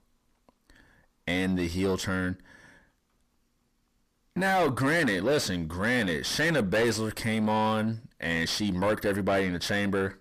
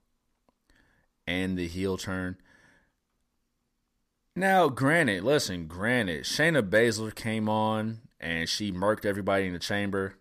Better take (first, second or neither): second